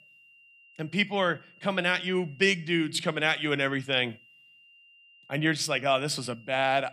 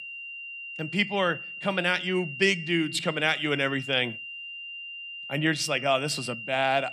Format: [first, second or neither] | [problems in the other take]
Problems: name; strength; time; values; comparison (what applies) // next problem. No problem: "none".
first | high-pitched whine; loud; throughout; 3 kHz, 10 dB below the speech; faint in the first